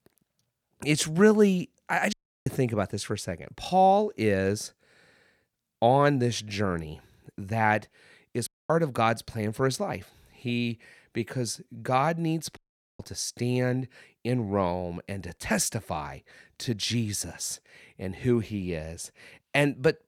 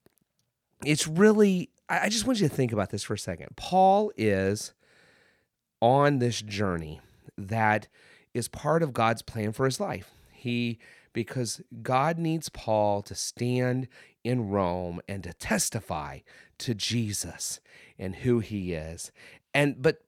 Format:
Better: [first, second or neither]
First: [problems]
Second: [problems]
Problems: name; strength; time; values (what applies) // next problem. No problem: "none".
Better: second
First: audio cutting out; at 2 s, at 8.5 s and at 13 s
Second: none